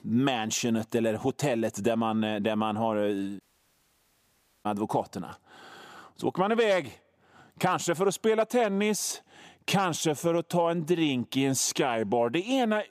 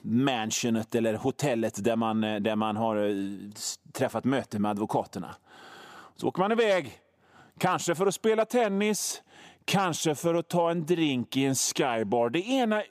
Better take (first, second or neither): second